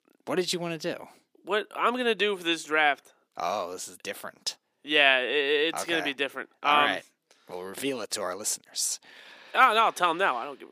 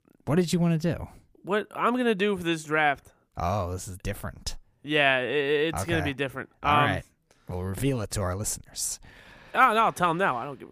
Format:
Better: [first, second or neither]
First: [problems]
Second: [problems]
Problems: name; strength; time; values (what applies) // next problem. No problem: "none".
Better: second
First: thin; somewhat; fading below 300 Hz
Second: none